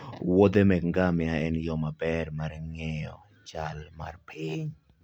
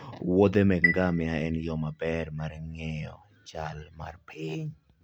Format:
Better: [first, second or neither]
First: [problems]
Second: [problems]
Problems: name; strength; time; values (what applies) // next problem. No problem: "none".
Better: first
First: none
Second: background sound (Chime); 4 dB below the speech